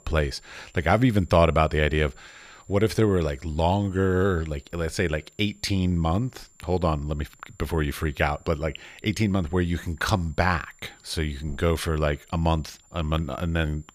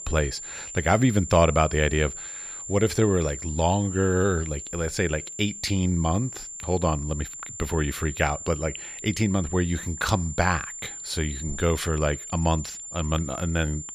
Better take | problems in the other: first | high-pitched whine; loud; throughout; 7 kHz, 9 dB below the speech; faint in the first

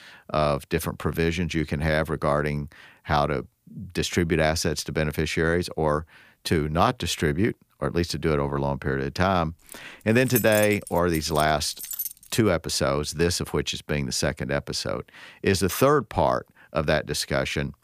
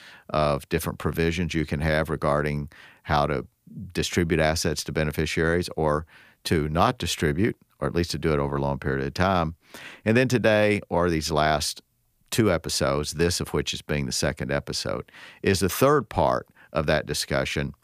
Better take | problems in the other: second | jangling keys; noticeable; from 9.5 to 12 s; peak 3 dB below the speech

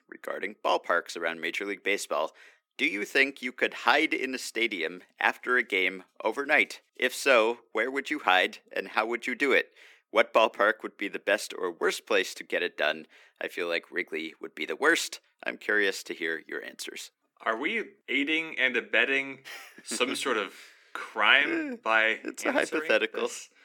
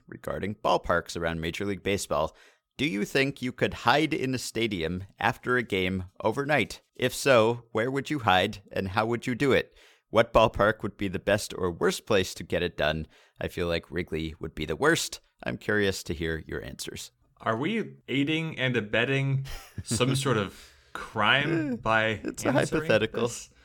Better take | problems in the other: second | thin; somewhat; fading below 250 Hz

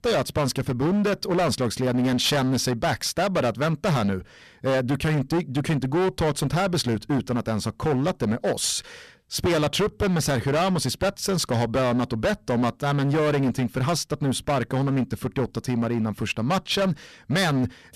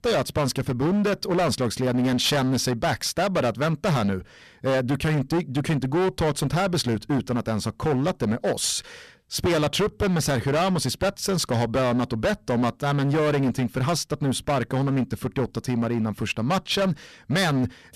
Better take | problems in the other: neither | distortion; heavy; 20% of the sound clipped; the same in both

